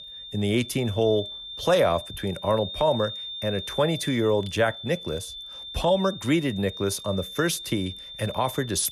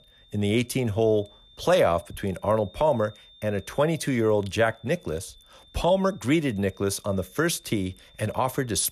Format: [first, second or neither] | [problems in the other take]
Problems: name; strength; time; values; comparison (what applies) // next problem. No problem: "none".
second | high-pitched whine; loud; throughout; 3.5 kHz, 10 dB below the speech; faint in the second